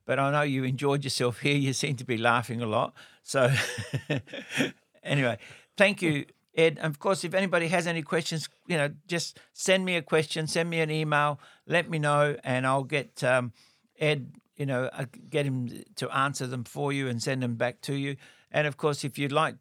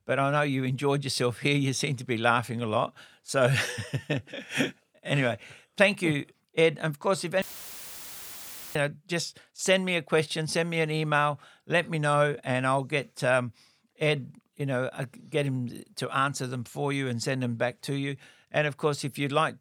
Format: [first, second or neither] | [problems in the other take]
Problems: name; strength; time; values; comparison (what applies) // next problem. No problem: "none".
first | audio cutting out; filled with static; at 7.5 s for 1.5 s